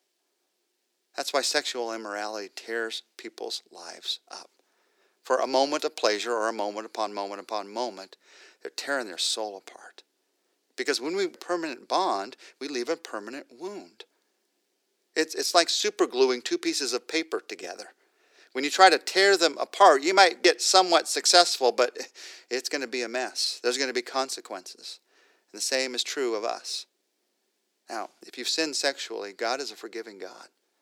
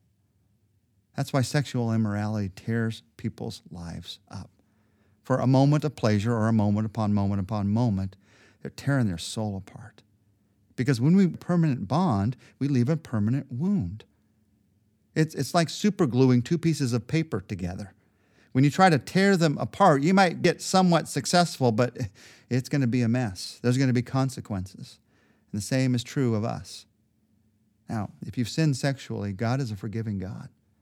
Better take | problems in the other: second | thin; very; fading below 350 Hz

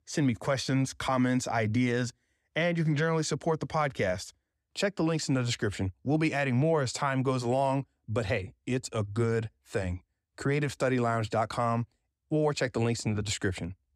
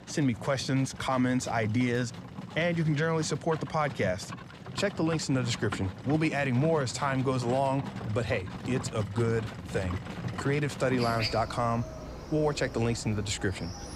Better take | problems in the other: first | animal sounds; noticeable; throughout; 10 dB below the speech

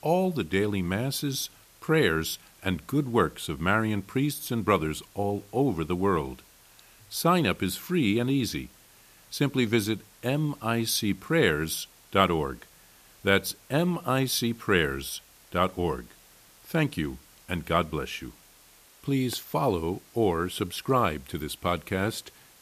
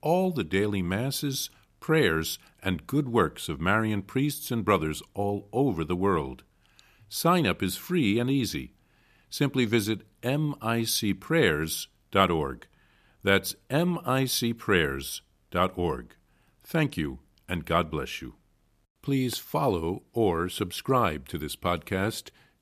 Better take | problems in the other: second | hiss; faint; throughout; 25 dB below the speech

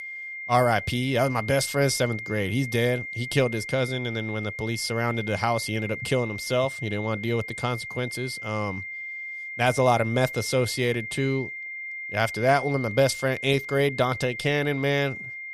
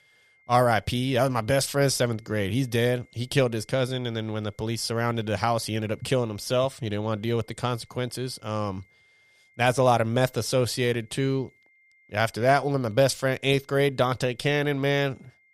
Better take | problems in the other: second | high-pitched whine; loud; throughout; 2 kHz, 8 dB below the speech; faint in the second

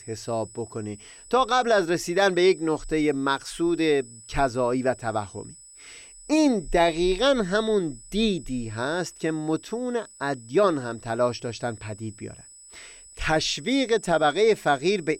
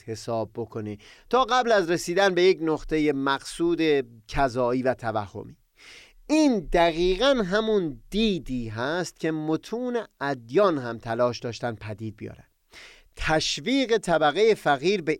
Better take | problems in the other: second | high-pitched whine; faint; throughout; 8 kHz, 20 dB below the speech

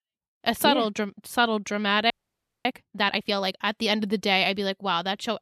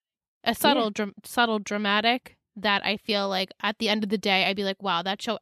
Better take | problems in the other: second | audio freezing; at 2 s for 0.5 s

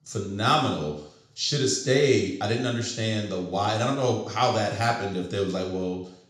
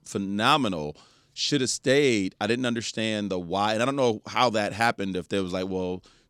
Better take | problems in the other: second | room echo; noticeable; dies away in 0.6 s // off-mic speech; somewhat distant

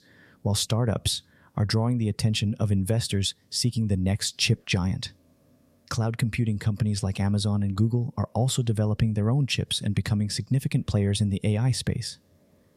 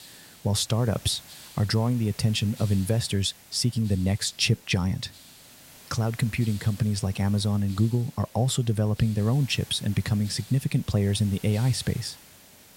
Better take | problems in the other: first | hiss; faint; throughout; 20 dB below the speech

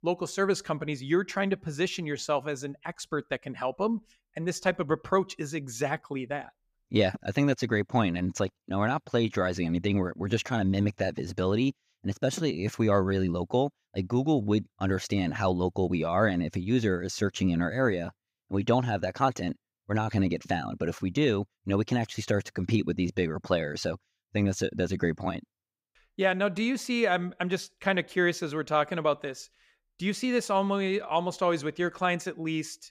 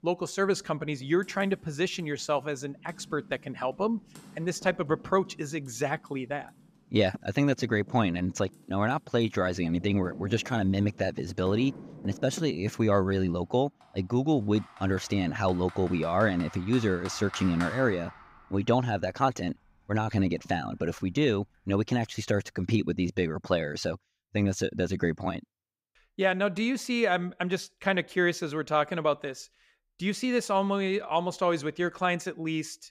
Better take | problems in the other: first | household noises; noticeable; until 22 s; 20 dB below the speech

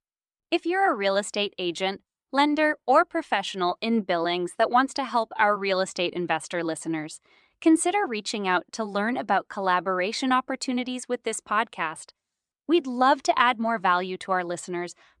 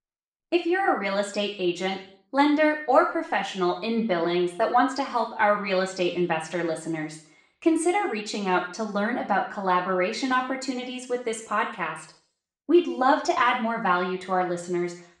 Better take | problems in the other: first | room echo; slight; dies away in 0.5 s // off-mic speech; far

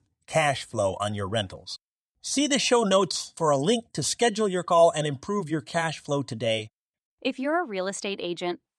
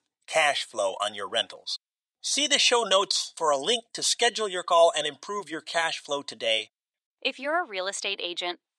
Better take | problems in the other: first | thin; somewhat; fading below 500 Hz

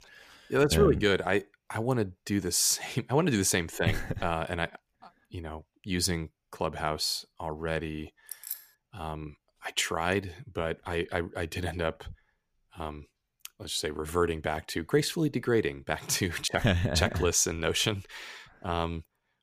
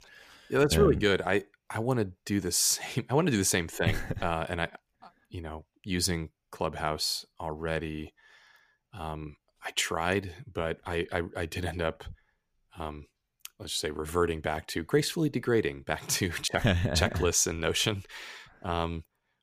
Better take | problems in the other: second | jangling keys; noticeable; at 8.5 s; peak 9 dB below the speech

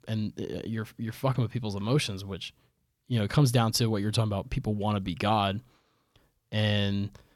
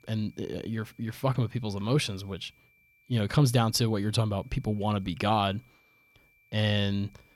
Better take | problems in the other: first | high-pitched whine; faint; throughout; 2.5 kHz, 35 dB below the speech

